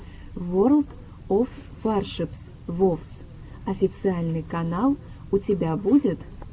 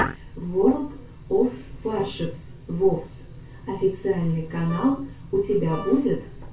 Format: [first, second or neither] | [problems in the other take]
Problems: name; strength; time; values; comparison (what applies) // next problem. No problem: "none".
first | background sound (Wind instrument, woodwind instrument); 15 dB below the speech // room echo; dies away in 0.3 s